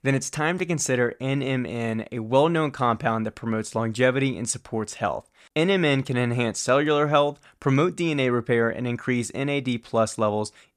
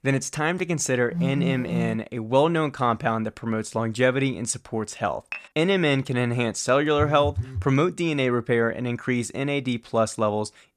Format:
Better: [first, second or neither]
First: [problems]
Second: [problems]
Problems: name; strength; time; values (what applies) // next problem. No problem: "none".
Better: first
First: none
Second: phone ringing; noticeable; at 1 s and at 7 s; peak 2 dB below the speech // clattering dishes; faint; at 5.5 s; peak 10 dB below the speech